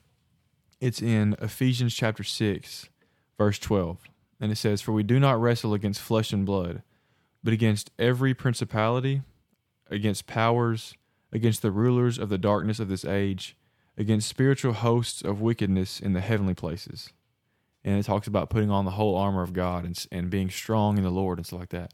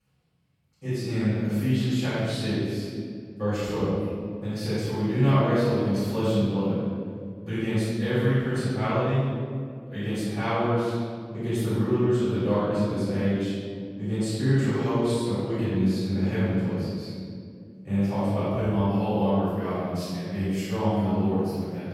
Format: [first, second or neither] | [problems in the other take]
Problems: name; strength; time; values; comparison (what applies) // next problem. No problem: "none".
first | off-mic speech; far // room echo; strong; dies away in 2.2 s